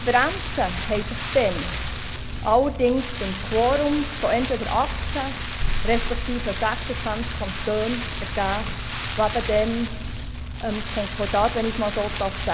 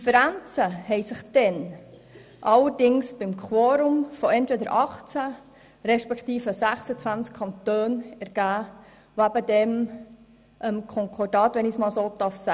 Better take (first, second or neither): second